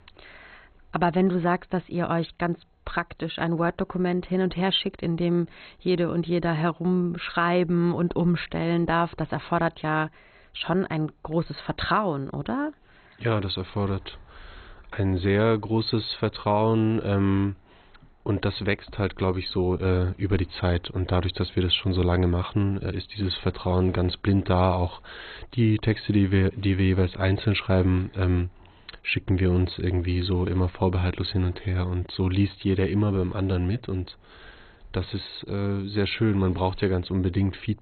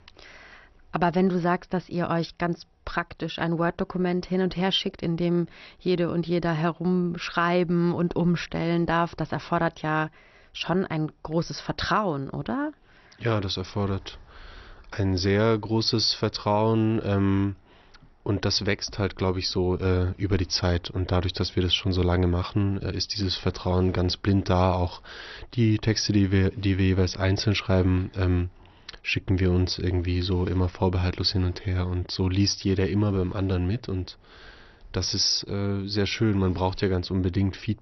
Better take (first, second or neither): second